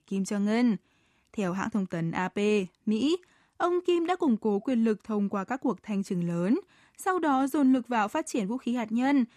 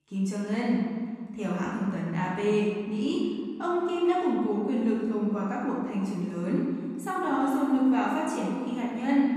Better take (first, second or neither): first